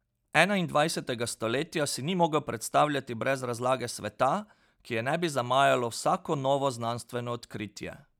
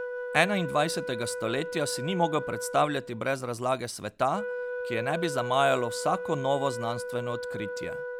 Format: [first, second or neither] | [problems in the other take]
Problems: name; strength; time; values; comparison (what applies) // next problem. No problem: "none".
first | background sound (Wind instrument, woodwind instrument); 6 dB below the speech